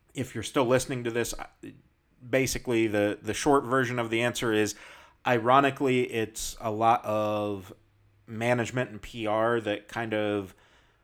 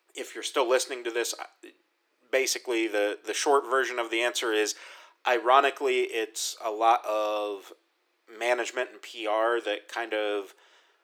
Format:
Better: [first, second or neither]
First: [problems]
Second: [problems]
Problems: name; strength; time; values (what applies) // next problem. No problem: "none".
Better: first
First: none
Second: thin; very; fading below 350 Hz